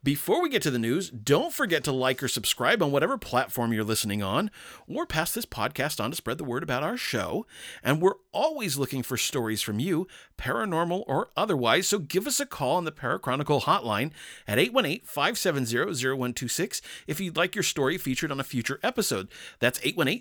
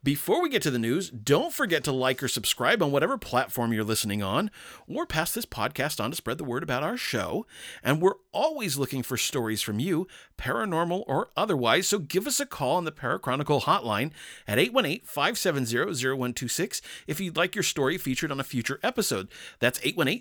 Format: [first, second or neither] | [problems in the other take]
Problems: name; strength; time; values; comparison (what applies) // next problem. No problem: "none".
neither | none